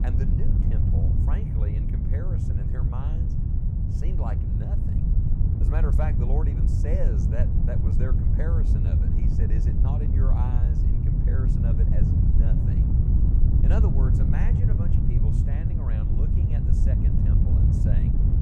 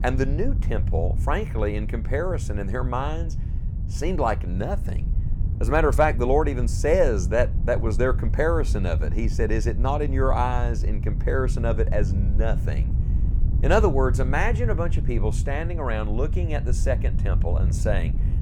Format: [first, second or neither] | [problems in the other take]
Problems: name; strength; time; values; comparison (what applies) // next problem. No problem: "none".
second | wind noise on the microphone; heavy; 3 dB above the speech; occasional gusts in the second